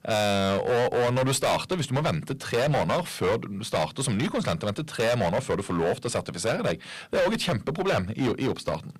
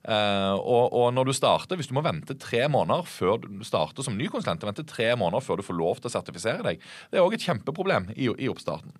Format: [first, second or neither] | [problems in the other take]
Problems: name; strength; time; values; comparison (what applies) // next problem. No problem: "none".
second | distortion; heavy; 17% of the sound clipped